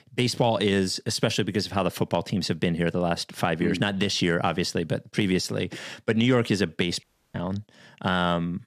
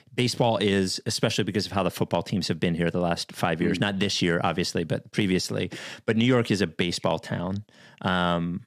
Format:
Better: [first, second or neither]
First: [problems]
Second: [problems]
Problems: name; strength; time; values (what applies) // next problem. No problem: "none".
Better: second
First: audio cutting out; at 7 s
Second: none